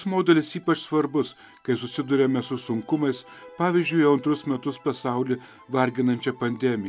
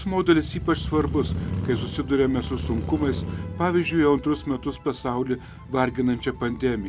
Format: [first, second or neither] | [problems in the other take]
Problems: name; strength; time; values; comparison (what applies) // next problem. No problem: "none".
first | background sound (Motorcycle / Crow); 8 dB below the speech